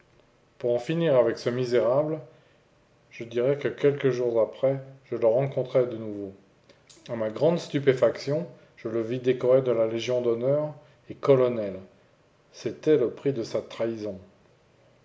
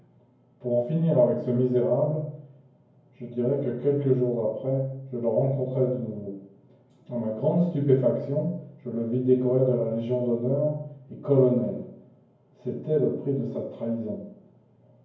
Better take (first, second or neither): first